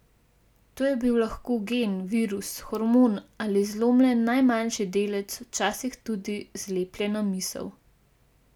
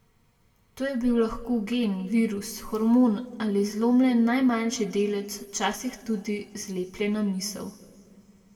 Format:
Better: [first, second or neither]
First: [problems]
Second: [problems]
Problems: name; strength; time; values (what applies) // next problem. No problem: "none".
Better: first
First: none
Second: room echo; dies away in 1.4 s